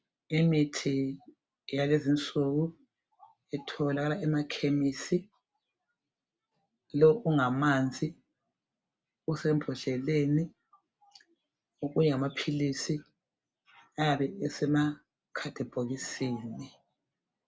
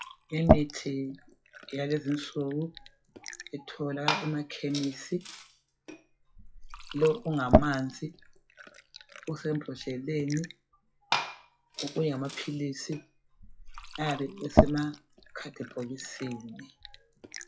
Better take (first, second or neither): first